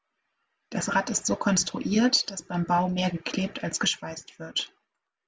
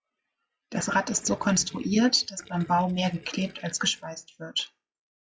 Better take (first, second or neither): first